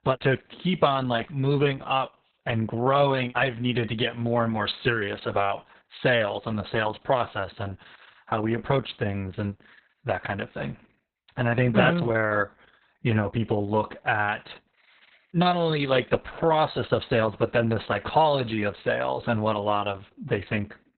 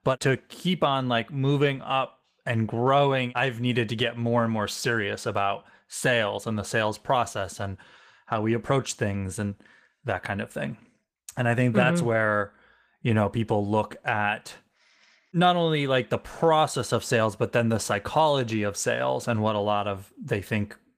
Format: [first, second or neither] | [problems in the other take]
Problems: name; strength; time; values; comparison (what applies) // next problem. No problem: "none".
second | garbled, watery; badly; nothing above 4 kHz; slightly in the second